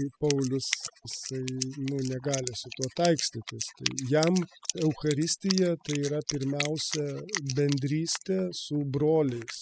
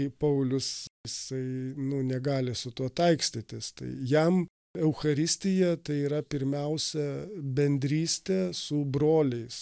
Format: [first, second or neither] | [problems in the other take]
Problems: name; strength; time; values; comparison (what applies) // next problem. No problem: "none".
second | noise reduction (classical method spectral subtraction)